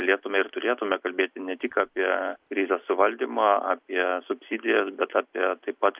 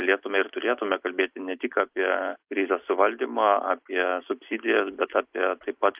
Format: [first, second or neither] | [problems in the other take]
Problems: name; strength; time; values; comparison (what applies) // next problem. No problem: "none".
first | noise reduction (neural mask model Resemble Enhance denoiser)